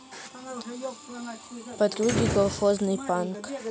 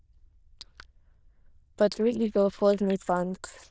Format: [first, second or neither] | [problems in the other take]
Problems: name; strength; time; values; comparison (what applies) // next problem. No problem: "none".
first | noise reduction (neural diffusion model UNIVERSE++)